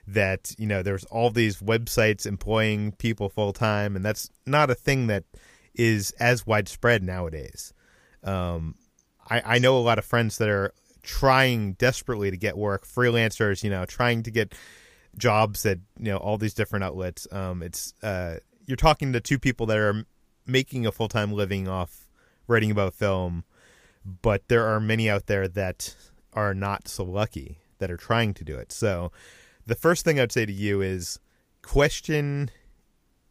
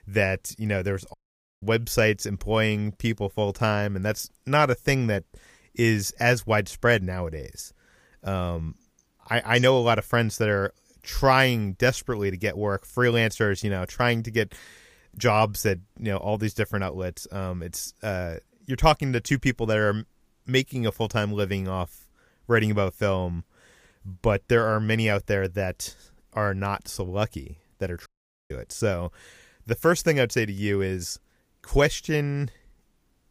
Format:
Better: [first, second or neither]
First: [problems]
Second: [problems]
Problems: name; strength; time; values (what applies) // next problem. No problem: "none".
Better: first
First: none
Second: audio cutting out; at 1 s and at 28 s